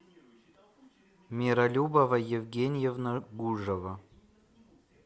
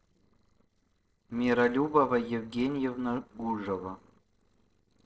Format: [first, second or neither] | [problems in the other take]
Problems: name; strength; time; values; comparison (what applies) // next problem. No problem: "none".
first | noise reduction (neural separator model SepFormer DNS4)